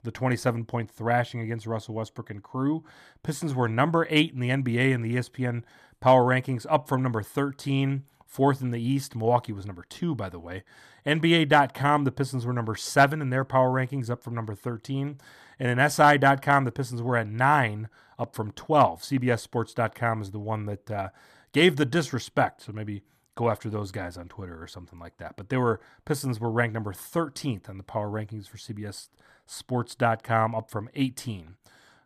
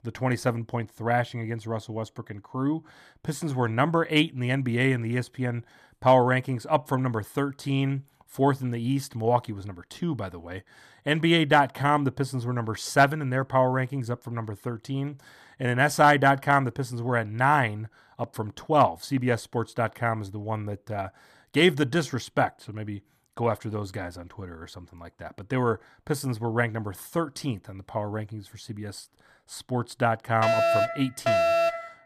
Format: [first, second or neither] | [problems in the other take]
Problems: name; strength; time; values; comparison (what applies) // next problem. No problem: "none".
first | alarm; loud; from 30 s on; peak 5 dB above the speech